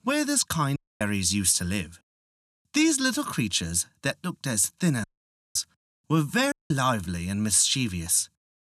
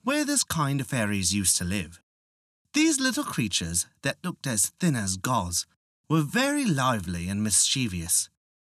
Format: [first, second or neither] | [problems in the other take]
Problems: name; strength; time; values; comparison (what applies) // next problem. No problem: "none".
second | audio cutting out; at 1 s, at 5 s for 0.5 s and at 6.5 s